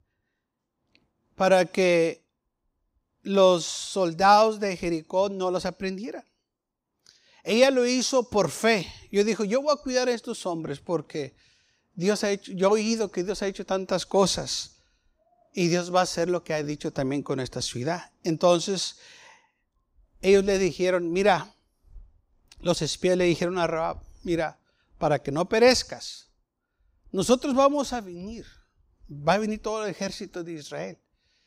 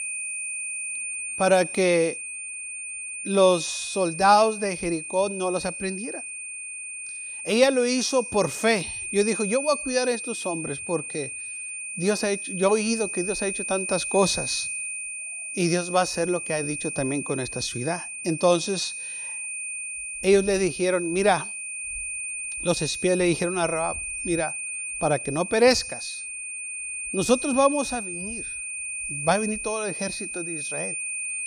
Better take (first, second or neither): first